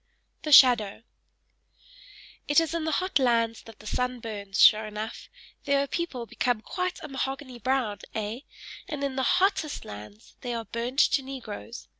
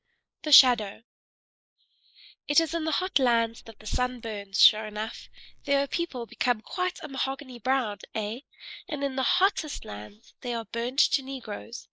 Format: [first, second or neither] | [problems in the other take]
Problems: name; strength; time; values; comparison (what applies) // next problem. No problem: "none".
first | noise reduction (neural mask model Resemble Enhance denoiser)